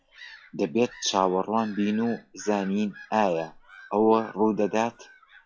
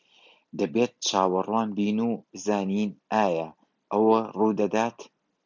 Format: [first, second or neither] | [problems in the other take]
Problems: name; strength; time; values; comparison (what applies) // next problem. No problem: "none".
second | noise reduction (classical method log-MMSE)